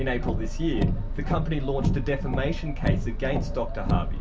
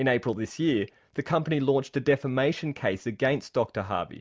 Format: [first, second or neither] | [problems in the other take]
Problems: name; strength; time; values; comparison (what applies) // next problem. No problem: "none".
second | background sound (Car); 4 dB above the speech // room echo; dies away in 0.2 s